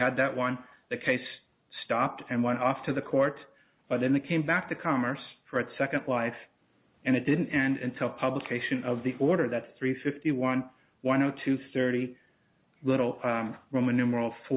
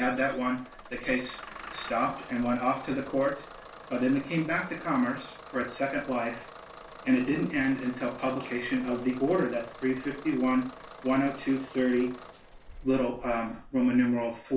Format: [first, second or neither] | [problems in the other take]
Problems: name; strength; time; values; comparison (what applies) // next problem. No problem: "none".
first | background sound (Engine starting / Bus); 17 dB below the speech // room echo; dies away in 0.2 s